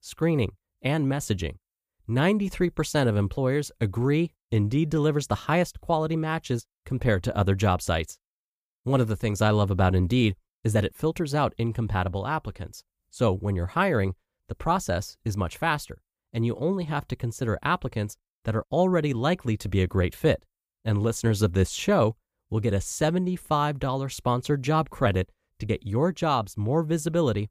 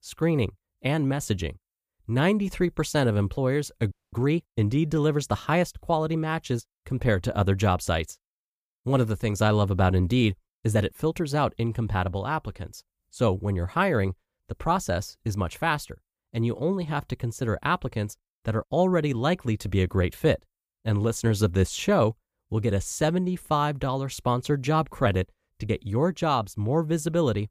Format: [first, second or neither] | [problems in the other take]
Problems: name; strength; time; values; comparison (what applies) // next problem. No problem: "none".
first | audio freezing; at 4 s